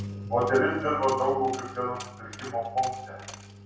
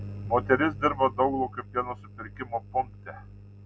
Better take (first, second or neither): second